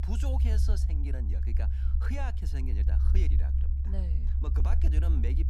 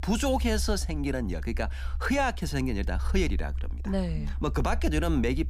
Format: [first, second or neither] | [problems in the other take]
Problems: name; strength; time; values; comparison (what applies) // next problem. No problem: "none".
second | low rumble; loud; throughout; 3 dB below the speech; faint in the second